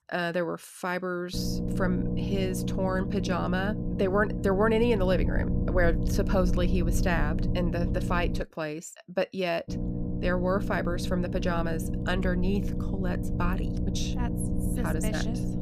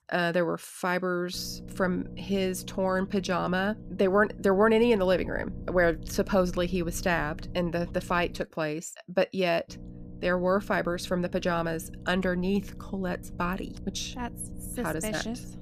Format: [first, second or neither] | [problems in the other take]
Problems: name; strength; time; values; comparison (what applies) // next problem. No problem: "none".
second | low rumble; loud; from 1.5 to 8.5 s and from 9.5 s on; 8 dB below the speech; faint in the second